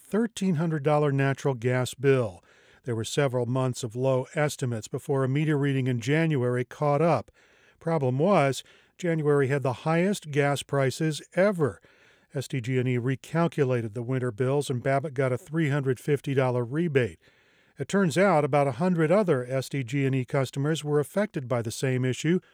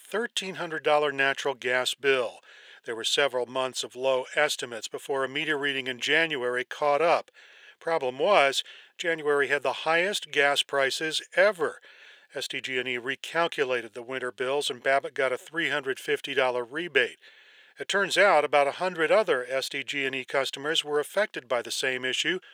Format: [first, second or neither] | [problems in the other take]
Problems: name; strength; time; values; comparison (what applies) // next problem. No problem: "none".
first | thin; very; fading below 550 Hz